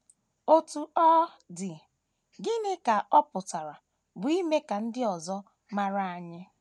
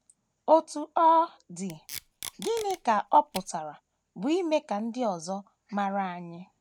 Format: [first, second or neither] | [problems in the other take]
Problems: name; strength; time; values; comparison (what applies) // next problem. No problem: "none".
first | background sound (Packing tape, duct tape); 16 dB below the speech